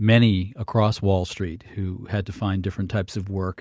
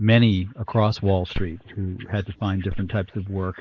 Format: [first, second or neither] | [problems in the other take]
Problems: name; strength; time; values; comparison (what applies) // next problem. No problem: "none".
first | noise reduction (neural mask model Resemble Enhance denoiser)